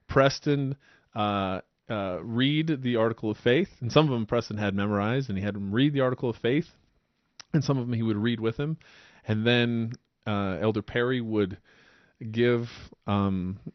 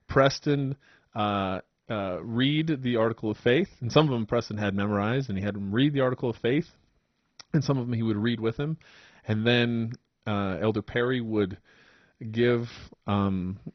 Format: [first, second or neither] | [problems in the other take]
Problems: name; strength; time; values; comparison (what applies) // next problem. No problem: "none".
first | garbled, watery; badly; nothing above 6 kHz; slightly in the first